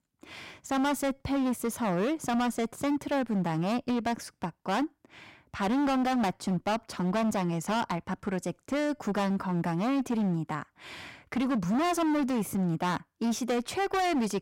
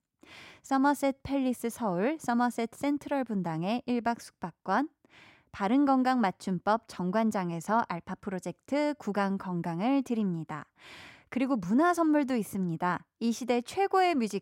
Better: second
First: distortion; heavy; 21% of the sound clipped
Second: none

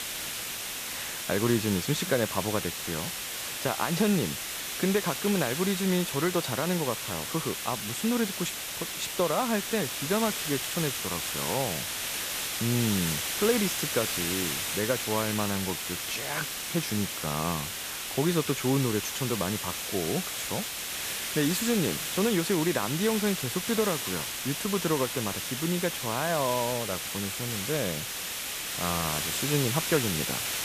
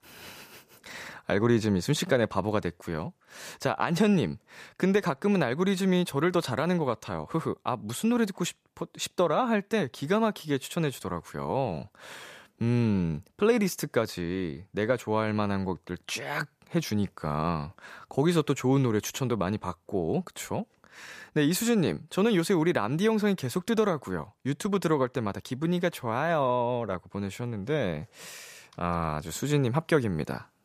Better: second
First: hiss; loud; throughout; 1 dB below the speech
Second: none

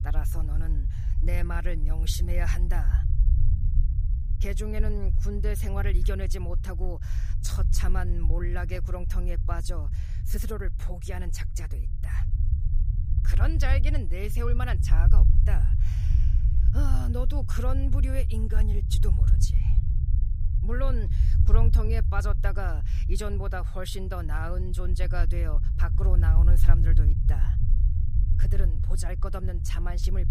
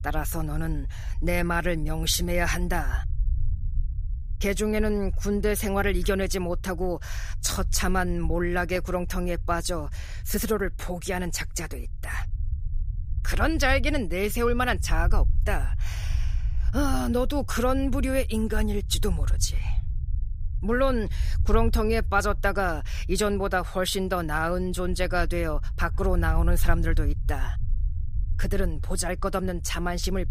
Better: second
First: low rumble; loud; throughout; 7 dB below the speech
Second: low rumble; faint; throughout; 25 dB below the speech

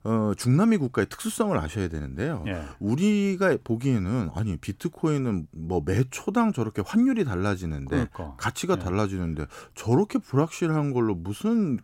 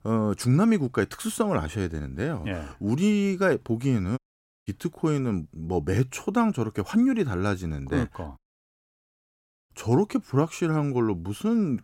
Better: first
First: none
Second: audio cutting out; at 4 s and at 8.5 s for 1.5 s

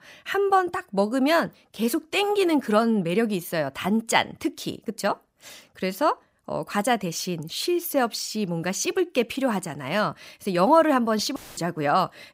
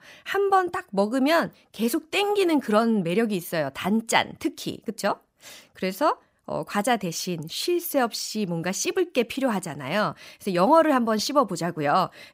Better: second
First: audio cutting out; filled with static; at 11 s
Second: none

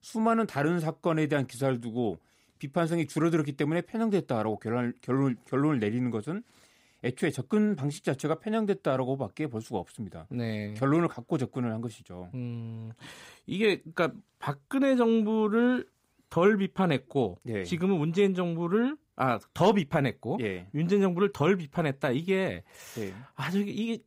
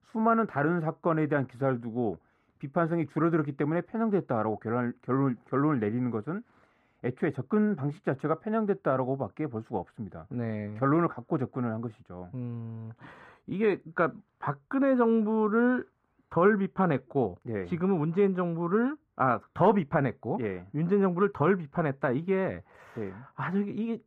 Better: first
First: none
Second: muffled; very; fading above 3 kHz

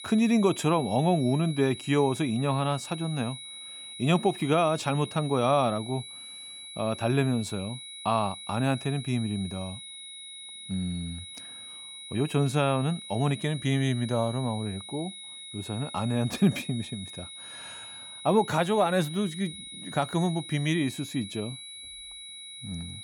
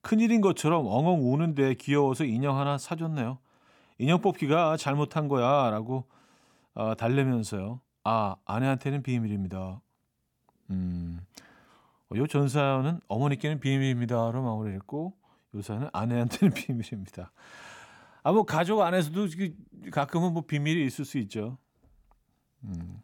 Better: second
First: high-pitched whine; noticeable; throughout; 4 kHz, 10 dB below the speech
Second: none

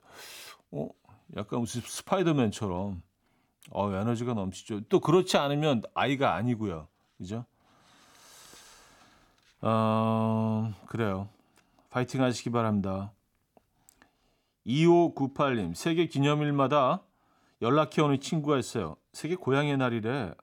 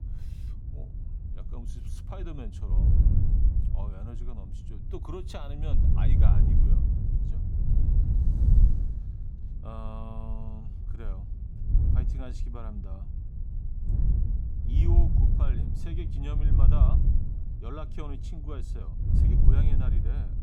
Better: first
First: none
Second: wind noise on the microphone; heavy; 1 dB above the speech

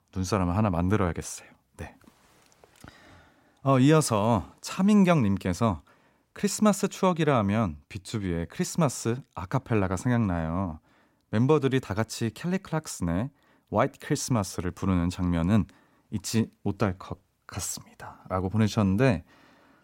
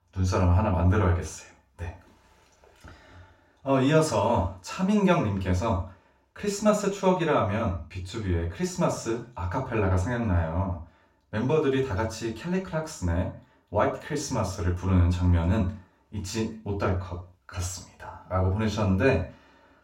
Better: first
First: none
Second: room echo; slight; dies away in 0.4 s // off-mic speech; far

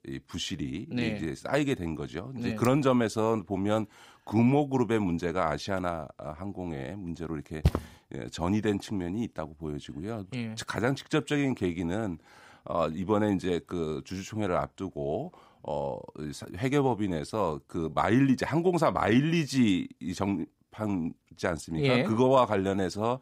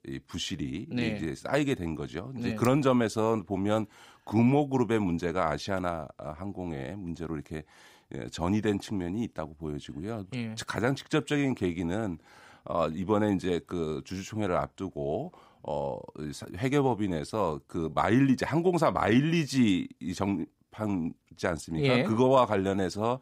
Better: second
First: footsteps; noticeable; at 7.5 s; peak level with the speech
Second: none

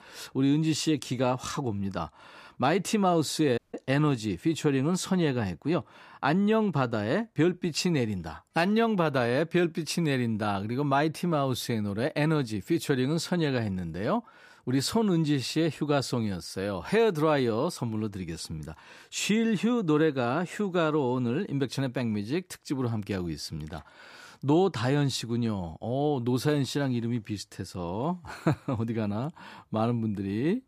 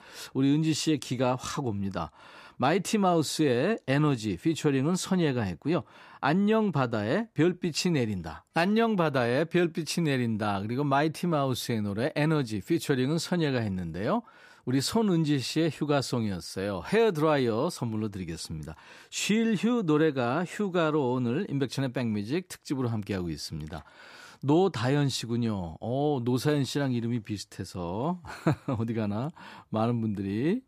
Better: second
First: audio cutting out; at 3.5 s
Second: none

